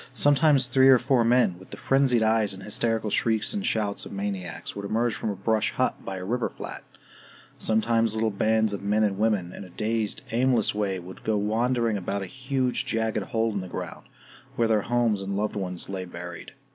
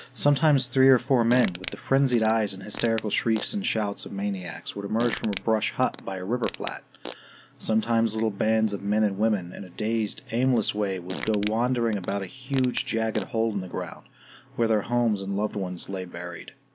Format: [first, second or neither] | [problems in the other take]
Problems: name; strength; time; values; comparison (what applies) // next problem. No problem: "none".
first | background sound (Fart); 14 dB below the speech